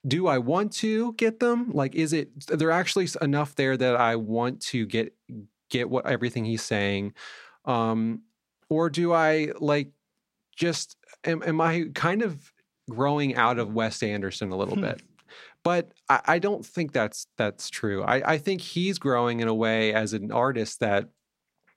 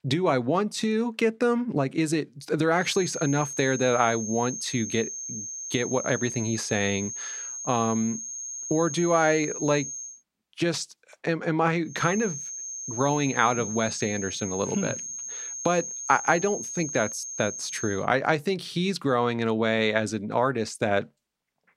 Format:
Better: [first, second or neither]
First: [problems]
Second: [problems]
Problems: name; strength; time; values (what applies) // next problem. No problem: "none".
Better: first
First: none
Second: high-pitched whine; loud; from 3 to 10 s and from 12 to 18 s; 6.5 kHz, 7 dB below the speech